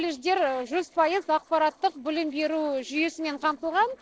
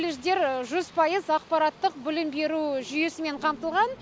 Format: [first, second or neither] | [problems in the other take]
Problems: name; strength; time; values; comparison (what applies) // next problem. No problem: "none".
second | noise reduction (neural separator model SepFormer DNS4)